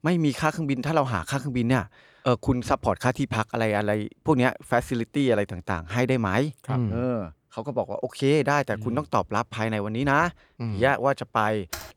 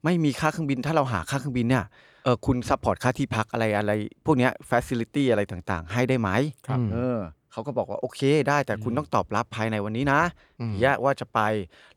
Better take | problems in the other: second | keyboard typing; faint; at 11 s; peak 10 dB below the speech

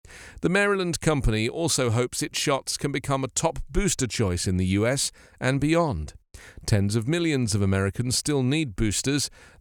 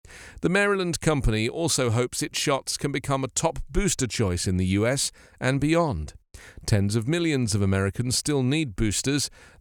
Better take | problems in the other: neither | none

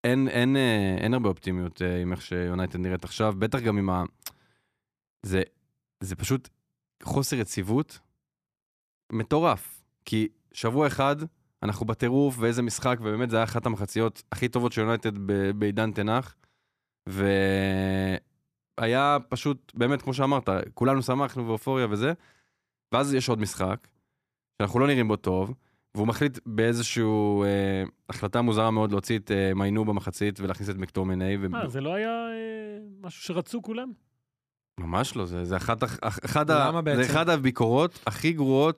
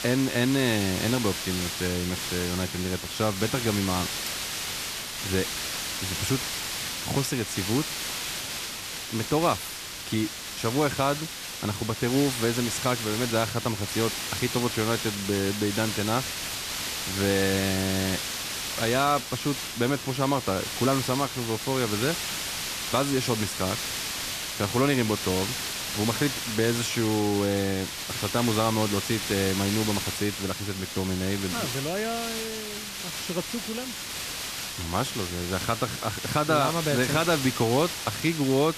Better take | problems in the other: first | hiss; loud; throughout; 3 dB below the speech

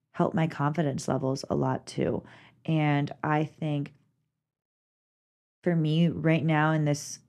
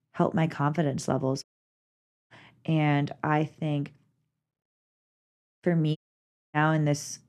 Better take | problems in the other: first | audio cutting out; at 1.5 s for 1 s and at 6 s for 0.5 s

